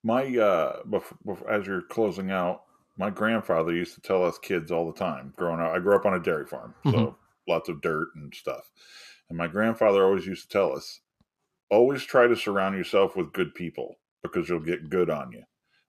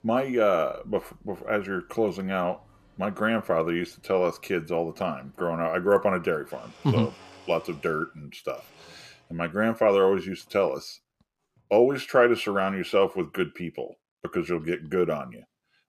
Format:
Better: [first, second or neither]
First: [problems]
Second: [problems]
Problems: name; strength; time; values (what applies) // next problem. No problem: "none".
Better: first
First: none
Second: household noises; faint; until 11 s; 30 dB below the speech